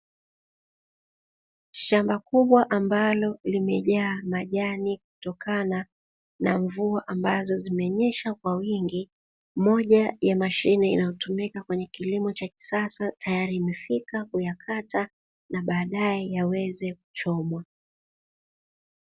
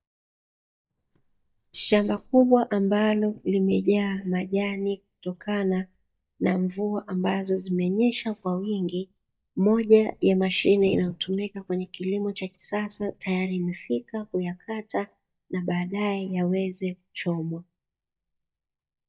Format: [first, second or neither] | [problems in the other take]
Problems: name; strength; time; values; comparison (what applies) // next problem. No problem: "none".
first | noise reduction (neural mask model DeepFilterNet 3)